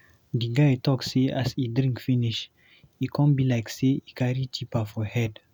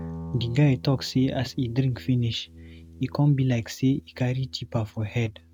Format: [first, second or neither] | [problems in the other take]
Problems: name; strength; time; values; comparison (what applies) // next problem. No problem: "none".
first | noise reduction (neural mask model RNNoise)